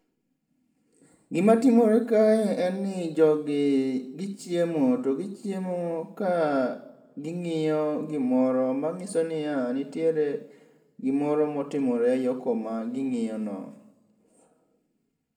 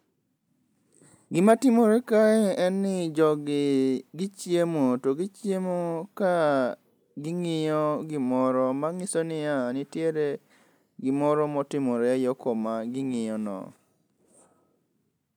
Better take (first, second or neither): second